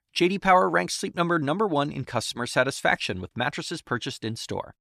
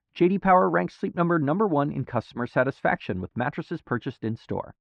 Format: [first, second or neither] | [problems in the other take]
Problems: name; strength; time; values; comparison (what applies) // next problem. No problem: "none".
first | muffled; very; fading above 1.5 kHz